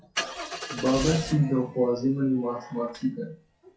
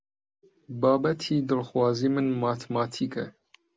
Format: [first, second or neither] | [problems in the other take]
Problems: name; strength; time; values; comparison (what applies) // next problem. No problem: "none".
second | noise reduction (classical method WPE with log-MMSE)